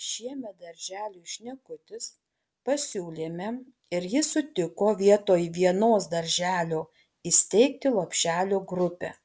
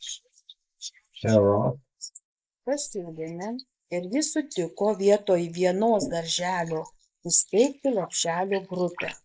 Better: first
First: none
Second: noise reduction (neural mask model Resemble Enhance denoiser)

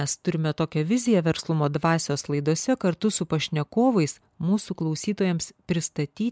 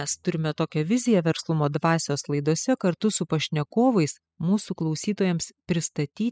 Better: first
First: none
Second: noise reduction (classical method spectral subtraction)

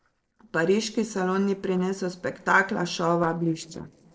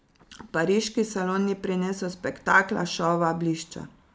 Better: second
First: noise reduction (neural separator model SepFormer DNS4)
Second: none

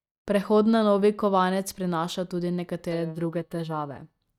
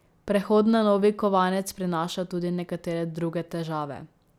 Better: second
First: noise reduction (neural mask model DeepFilterNet 3)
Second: none

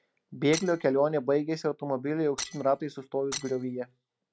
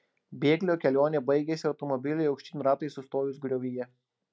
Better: second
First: background sound (Shatter); 13 dB below the speech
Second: none

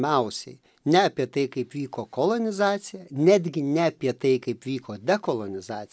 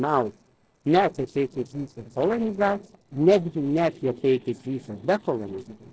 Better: first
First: none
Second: noise reduction (neural separator model SepFormer DNS4)

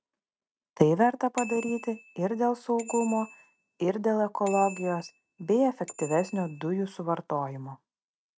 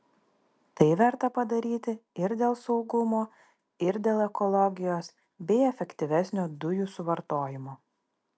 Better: second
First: noise reduction (neural mask model RNNoise)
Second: none

